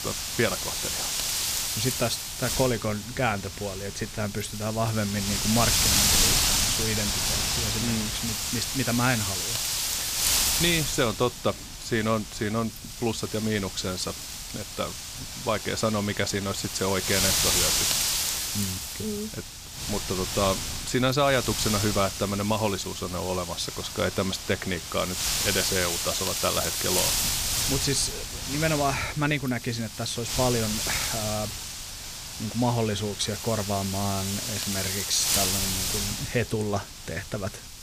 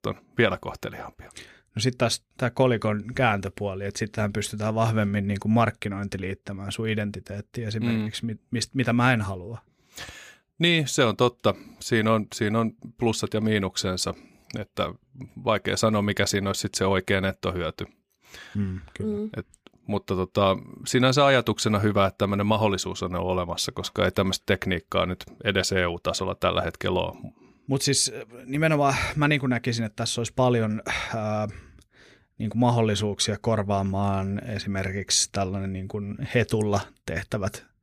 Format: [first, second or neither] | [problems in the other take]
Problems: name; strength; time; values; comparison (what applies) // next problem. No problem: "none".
second | wind noise on the microphone; heavy; 1 dB above the speech